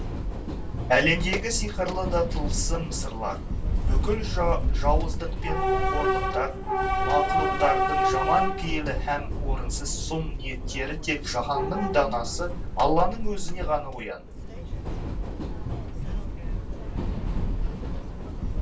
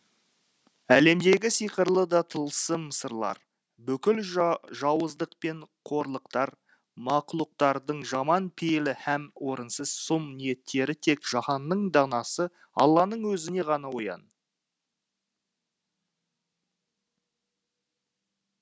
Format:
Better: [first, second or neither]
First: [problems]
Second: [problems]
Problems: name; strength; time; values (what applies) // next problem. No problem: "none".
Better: second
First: background sound (Subway, metro, underground / Train); 3 dB above the speech // room echo; dies away in 0.2 s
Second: none